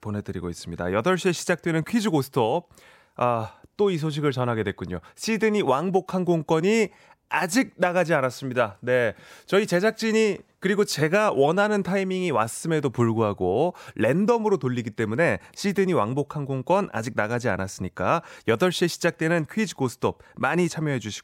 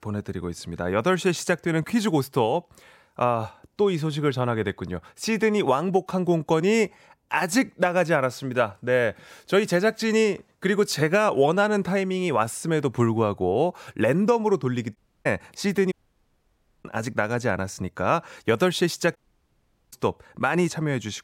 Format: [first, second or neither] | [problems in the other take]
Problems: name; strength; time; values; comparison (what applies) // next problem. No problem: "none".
first | audio cutting out; at 15 s, at 16 s for 1 s and at 19 s for 1 s